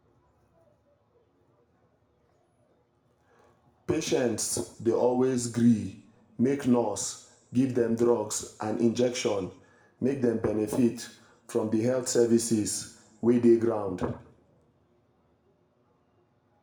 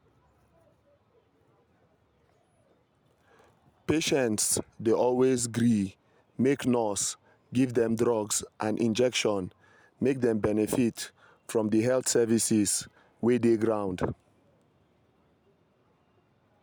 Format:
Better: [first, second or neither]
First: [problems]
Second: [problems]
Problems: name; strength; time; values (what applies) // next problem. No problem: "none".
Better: second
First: room echo; dies away in 0.5 s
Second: none